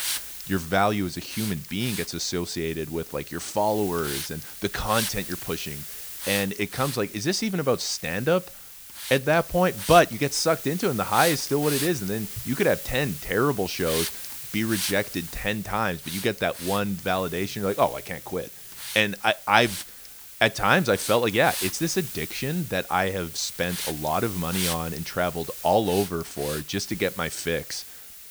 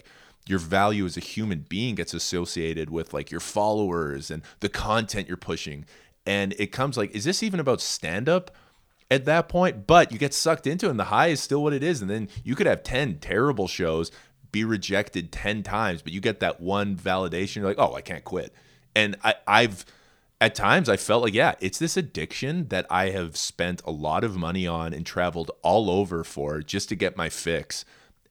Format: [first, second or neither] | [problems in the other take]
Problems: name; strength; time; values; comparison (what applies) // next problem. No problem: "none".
second | hiss; loud; throughout; 8 dB below the speech